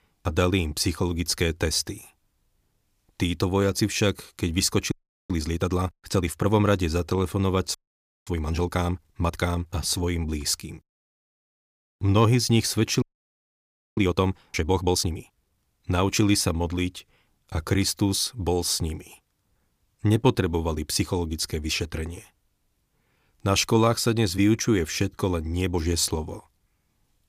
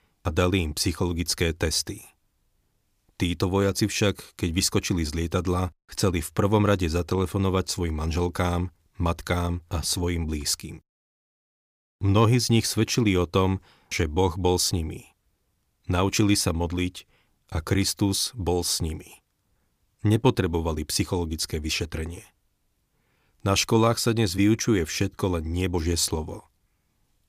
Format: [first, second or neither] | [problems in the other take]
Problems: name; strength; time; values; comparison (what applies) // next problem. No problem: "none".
second | audio freezing; at 5 s, at 8 s for 0.5 s and at 13 s for 1 s